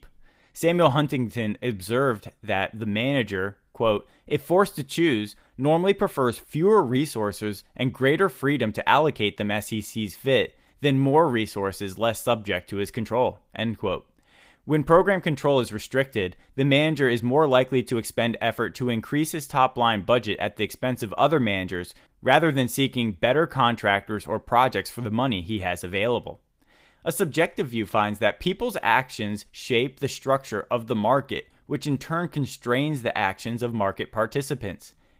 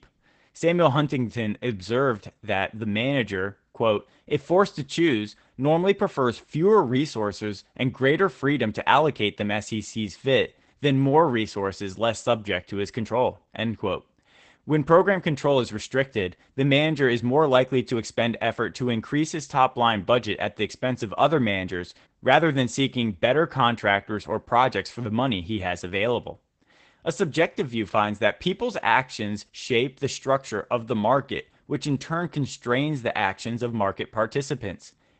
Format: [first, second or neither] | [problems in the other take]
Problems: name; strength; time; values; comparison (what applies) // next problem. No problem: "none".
first | garbled, watery; badly; nothing above 8 kHz; slightly in the first